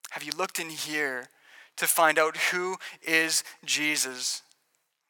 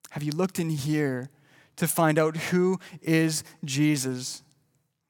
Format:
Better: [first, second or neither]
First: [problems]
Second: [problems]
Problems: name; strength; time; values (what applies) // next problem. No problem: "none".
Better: second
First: thin; very; fading below 700 Hz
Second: none